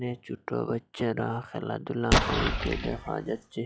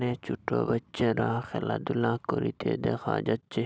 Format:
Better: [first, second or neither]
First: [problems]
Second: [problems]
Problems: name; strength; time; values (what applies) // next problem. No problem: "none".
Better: second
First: noise reduction (classical method log-MMSE)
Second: none